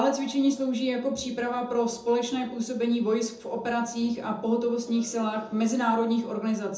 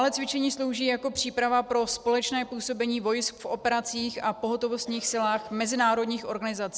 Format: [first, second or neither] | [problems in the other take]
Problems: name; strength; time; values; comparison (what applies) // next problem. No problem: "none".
second | room echo; dies away in 0.5 s